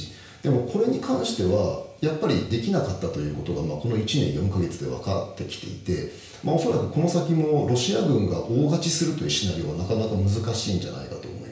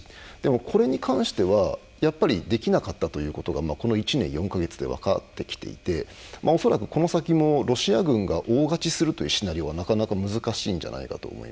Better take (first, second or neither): second